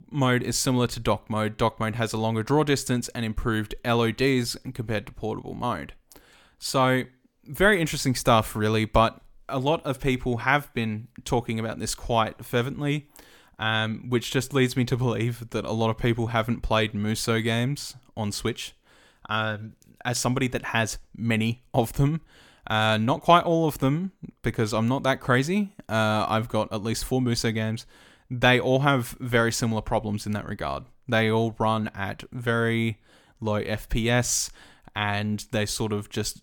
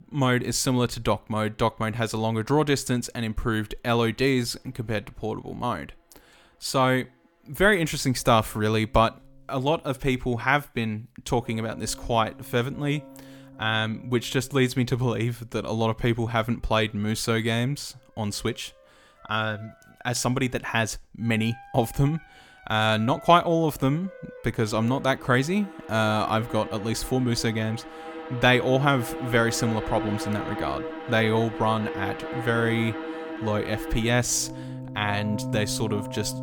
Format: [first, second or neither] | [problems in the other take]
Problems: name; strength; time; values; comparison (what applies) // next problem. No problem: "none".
first | background music; noticeable; throughout; 10 dB below the speech